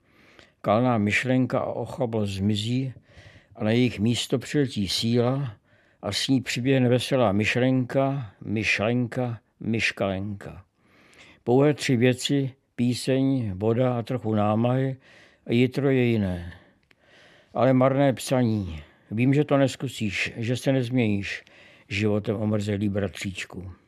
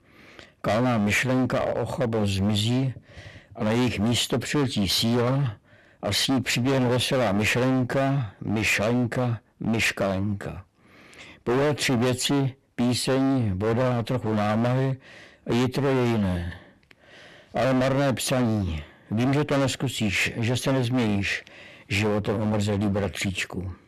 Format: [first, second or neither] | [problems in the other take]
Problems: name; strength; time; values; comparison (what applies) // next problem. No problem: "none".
first | distortion; heavy; 22% of the sound clipped